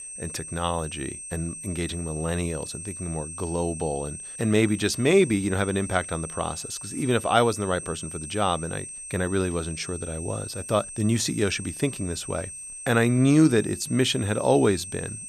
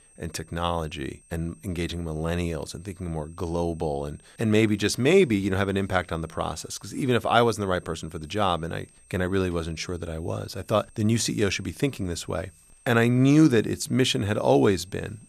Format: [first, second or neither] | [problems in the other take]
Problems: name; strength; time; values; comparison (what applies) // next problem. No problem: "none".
second | high-pitched whine; loud; throughout; 8.5 kHz, 10 dB below the speech; faint in the second